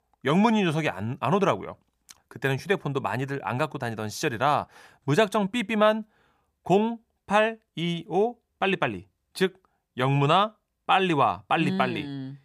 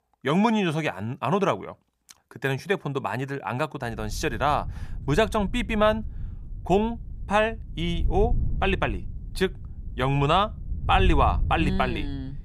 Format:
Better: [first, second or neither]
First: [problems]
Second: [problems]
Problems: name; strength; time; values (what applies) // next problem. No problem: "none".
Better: first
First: none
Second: wind noise on the microphone; occasional gusts; from 4 s on; 25 dB below the speech